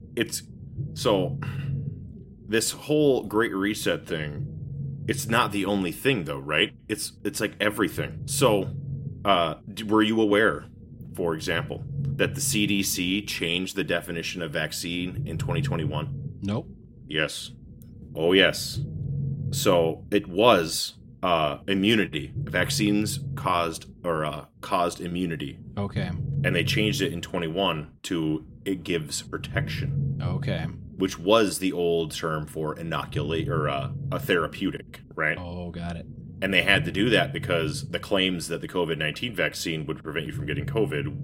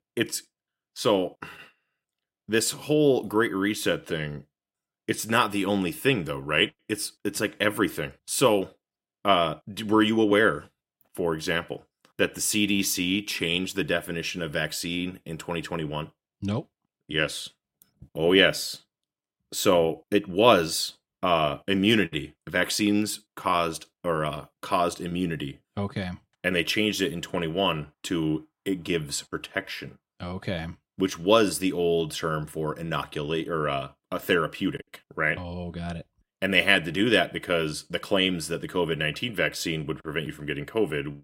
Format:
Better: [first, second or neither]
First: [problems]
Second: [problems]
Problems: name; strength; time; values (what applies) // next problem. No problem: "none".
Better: second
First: low rumble; noticeable; throughout; 20 dB below the speech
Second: none